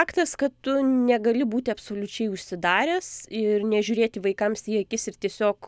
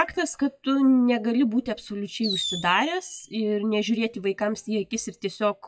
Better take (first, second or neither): first